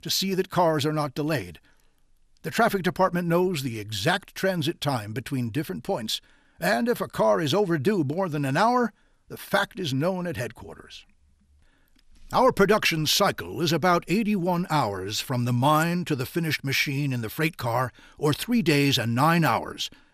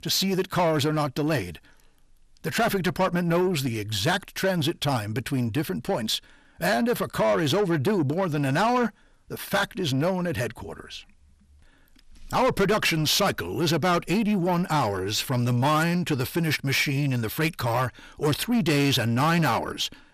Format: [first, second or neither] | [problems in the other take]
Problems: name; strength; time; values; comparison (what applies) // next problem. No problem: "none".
first | distortion; slight; 10 dB below the speech